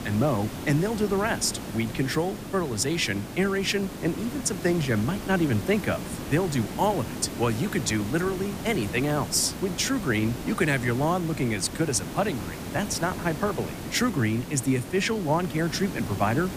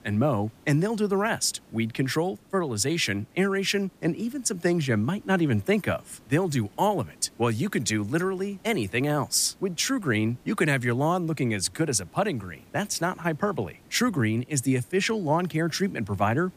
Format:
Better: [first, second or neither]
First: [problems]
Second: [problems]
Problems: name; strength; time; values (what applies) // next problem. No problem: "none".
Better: second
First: hiss; loud; throughout; 9 dB below the speech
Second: hiss; faint; throughout; 30 dB below the speech